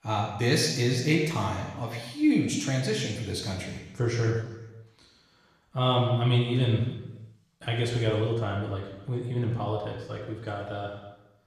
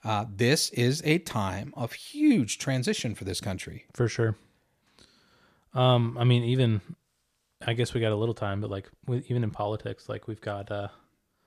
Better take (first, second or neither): second